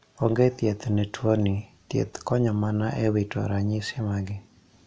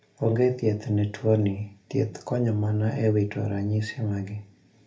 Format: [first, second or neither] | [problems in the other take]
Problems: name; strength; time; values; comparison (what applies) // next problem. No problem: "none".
first | room echo; dies away in 0.3 s